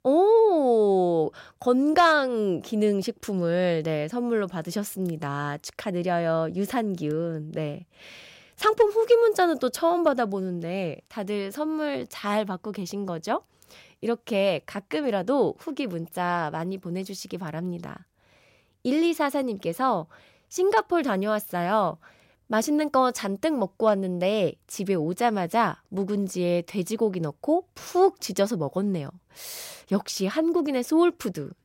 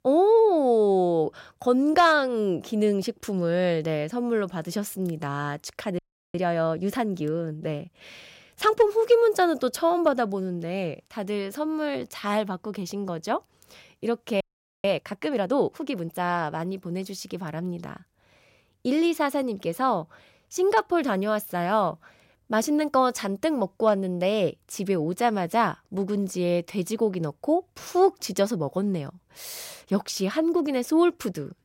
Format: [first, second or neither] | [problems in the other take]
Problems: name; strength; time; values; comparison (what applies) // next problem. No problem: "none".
first | audio freezing; at 6 s and at 14 s